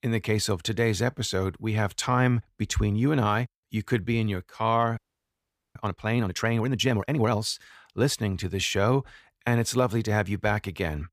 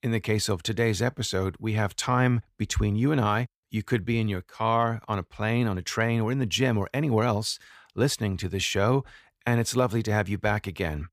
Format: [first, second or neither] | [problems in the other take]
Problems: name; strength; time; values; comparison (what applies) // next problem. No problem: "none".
second | audio freezing; at 5 s for 1 s